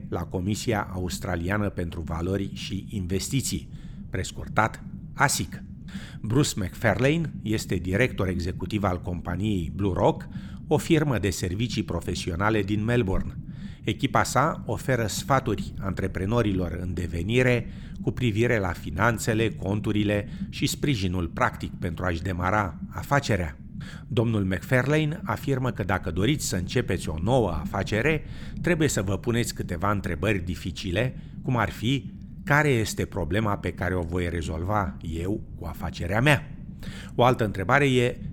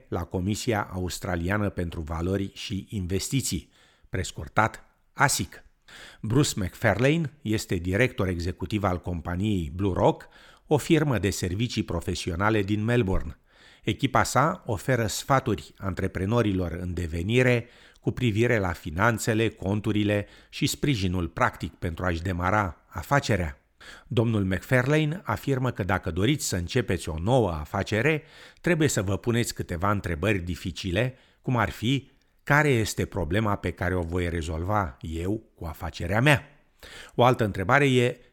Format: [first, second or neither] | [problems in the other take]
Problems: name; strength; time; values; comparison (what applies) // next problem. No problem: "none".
second | low rumble; faint; throughout; 20 dB below the speech